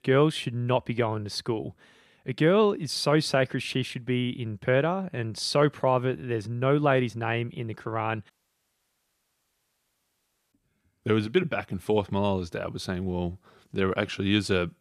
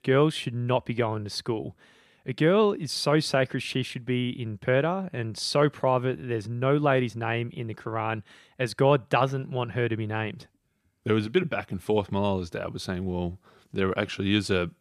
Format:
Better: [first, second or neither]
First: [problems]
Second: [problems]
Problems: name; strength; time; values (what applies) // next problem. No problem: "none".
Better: second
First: audio cutting out; at 8.5 s for 2 s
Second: none